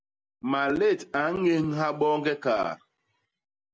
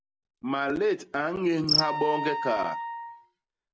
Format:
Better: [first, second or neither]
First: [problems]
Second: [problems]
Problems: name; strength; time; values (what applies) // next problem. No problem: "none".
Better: first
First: none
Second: background sound (Wind instrument, woodwind instrument + Cricket); 3 dB below the speech